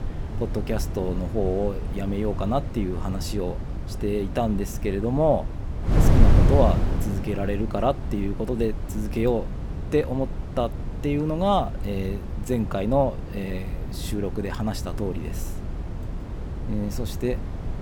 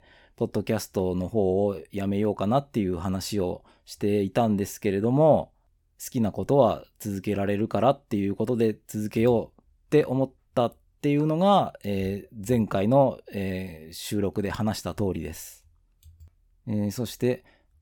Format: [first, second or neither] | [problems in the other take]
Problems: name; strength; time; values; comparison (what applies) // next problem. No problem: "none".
second | wind noise on the microphone; occasional gusts; 10 dB below the speech